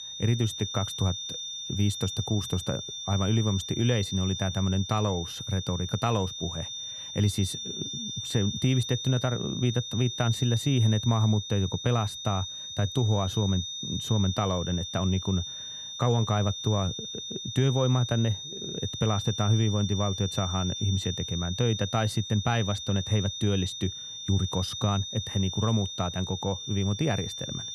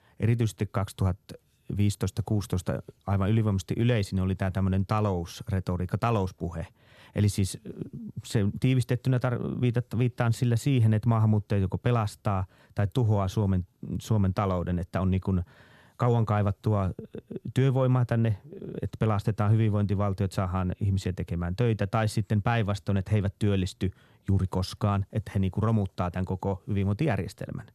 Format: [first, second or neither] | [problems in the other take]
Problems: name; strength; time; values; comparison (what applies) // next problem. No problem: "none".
second | high-pitched whine; loud; throughout; 3.5 kHz, 6 dB below the speech